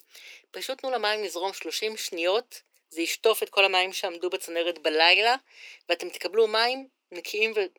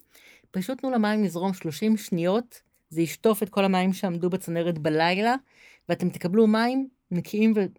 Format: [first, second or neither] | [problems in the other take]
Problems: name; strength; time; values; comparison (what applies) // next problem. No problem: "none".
second | thin; very; fading below 350 Hz